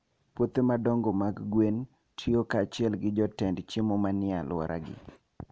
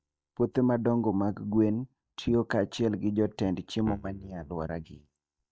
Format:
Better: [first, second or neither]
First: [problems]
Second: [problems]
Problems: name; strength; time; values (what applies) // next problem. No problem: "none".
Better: first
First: none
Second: noise reduction (neural mask model DeepFilterNet 3)